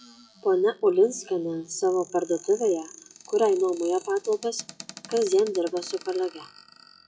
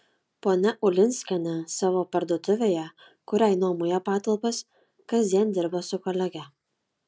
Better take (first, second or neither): second